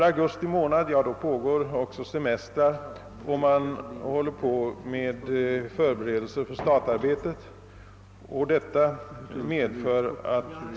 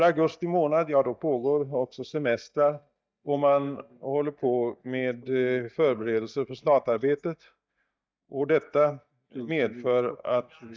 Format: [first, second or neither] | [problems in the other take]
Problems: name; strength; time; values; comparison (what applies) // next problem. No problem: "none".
first | noise reduction (neural mask model DeepFilterNet 3)